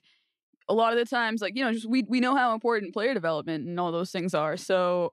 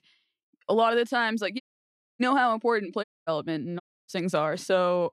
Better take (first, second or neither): first